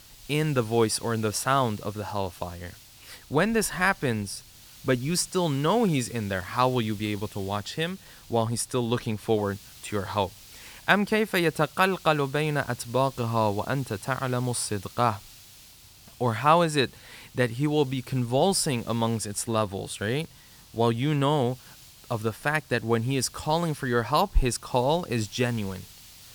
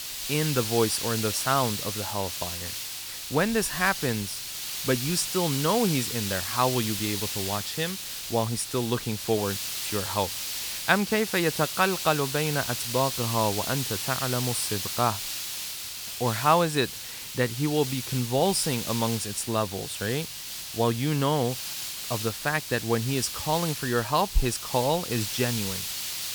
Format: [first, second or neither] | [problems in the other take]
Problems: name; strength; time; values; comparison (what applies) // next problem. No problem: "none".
first | hiss; loud; throughout; 4 dB below the speech; faint in the first